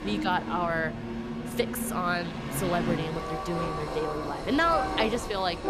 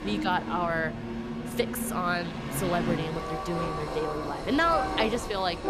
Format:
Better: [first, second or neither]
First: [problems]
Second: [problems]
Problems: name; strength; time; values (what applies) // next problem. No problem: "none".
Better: neither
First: train or aircraft noise; loud; throughout; 4 dB below the speech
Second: train or aircraft noise; loud; throughout; 4 dB below the speech